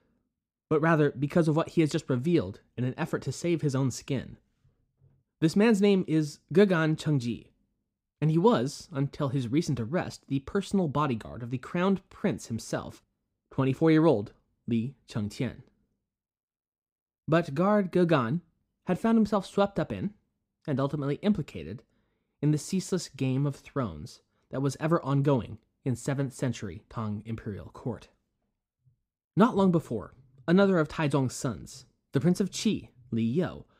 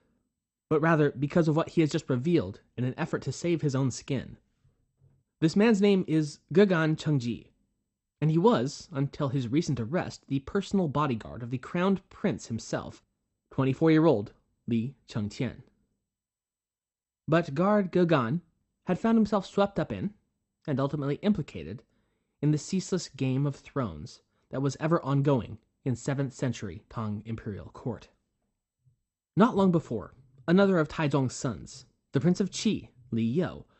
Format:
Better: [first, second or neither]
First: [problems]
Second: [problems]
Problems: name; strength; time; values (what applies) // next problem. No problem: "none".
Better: first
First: none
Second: garbled, watery; slightly; nothing above 8 kHz